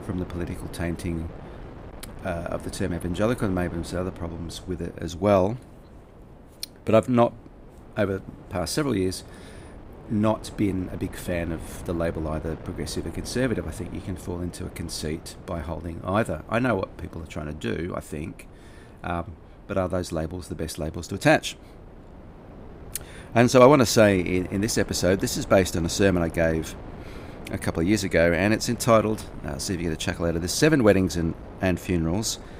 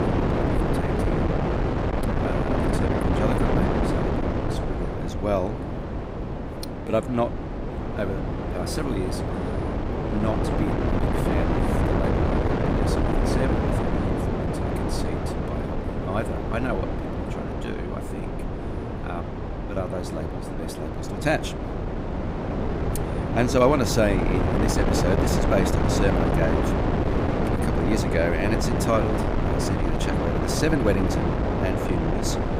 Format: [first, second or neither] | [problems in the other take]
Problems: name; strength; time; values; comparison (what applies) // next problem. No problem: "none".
first | wind noise on the microphone; heavy; 1 dB above the speech; occasional gusts in the first